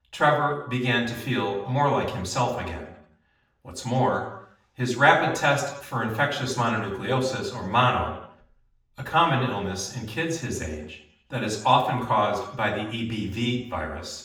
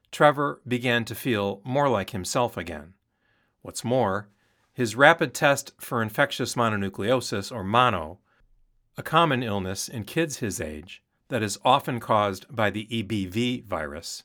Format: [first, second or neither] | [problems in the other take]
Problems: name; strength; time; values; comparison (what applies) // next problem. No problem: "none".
second | room echo; noticeable; dies away in 0.7 s // off-mic speech; far